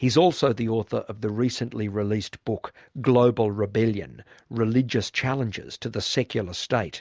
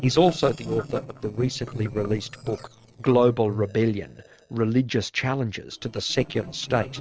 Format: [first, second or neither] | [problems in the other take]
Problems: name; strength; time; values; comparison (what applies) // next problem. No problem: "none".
first | noise reduction (neural separator model SepFormer DNS4)